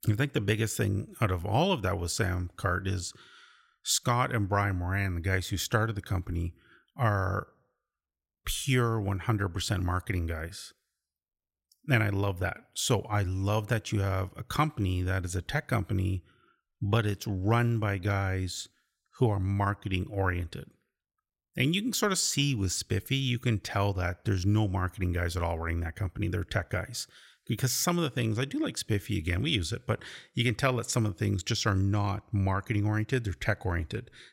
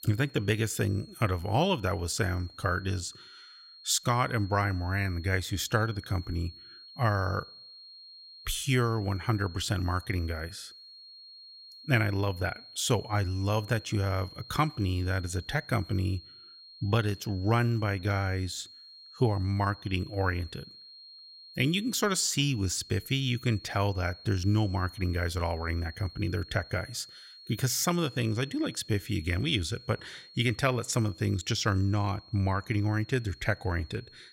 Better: first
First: none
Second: high-pitched whine; noticeable; throughout; 4.5 kHz, 20 dB below the speech

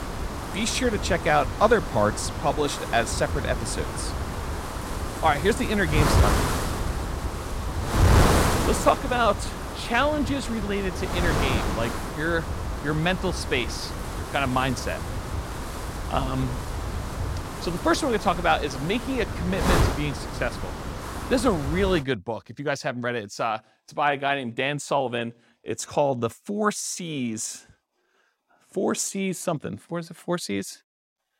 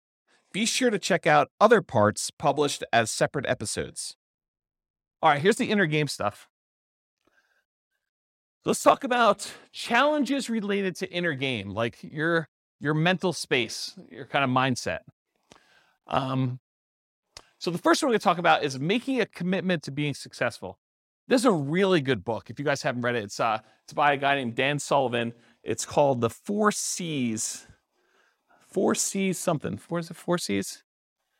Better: second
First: wind noise on the microphone; heavy; until 22 s; 5 dB below the speech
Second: none

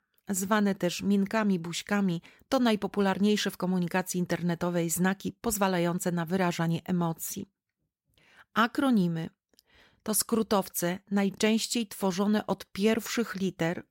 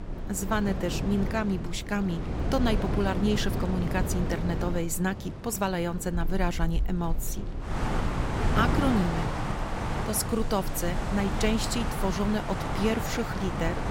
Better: first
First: none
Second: wind in the background; loud; throughout; 2 dB below the speech

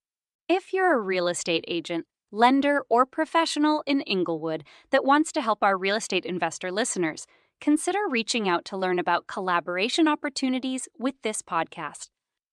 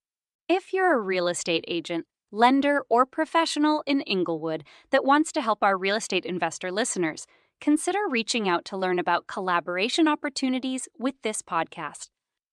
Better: neither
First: none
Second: none

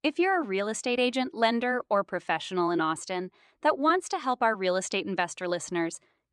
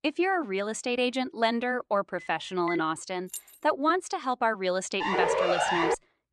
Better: first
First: none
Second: phone ringing; noticeable; at 2 s; peak 10 dB below the speech // jangling keys; faint; at 3.5 s; peak 10 dB below the speech // siren; loud; at 5 s; peak 3 dB above the speech

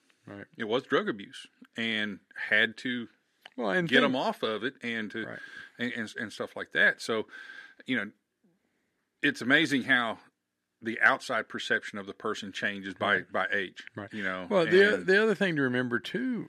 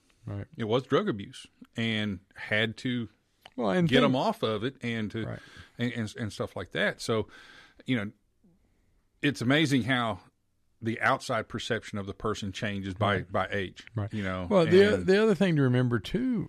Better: second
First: thin; very slightly; fading below 250 Hz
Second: none

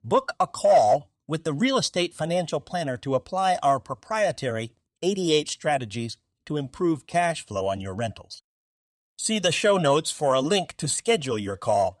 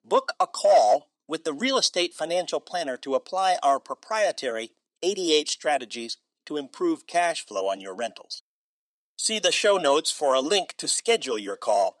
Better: first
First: none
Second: thin; somewhat; fading below 300 Hz

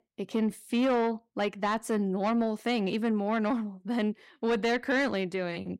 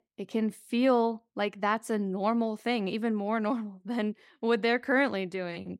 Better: second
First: distortion; slight; 10 dB below the speech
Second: none

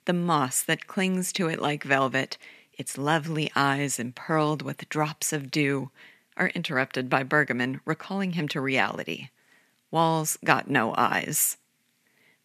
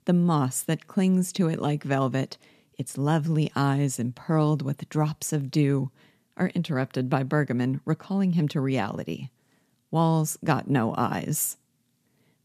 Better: second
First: thin; somewhat; fading below 450 Hz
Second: none

